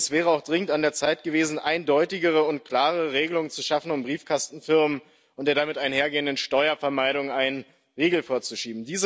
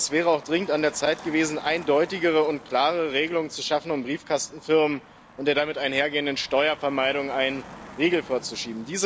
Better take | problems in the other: first | background sound (Motor vehicle (road)); 20 dB below the speech

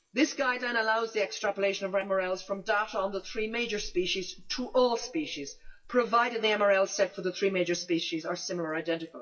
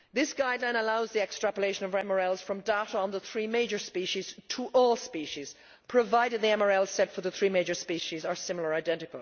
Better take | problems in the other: second | noise reduction (classical method WPE with log-MMSE)

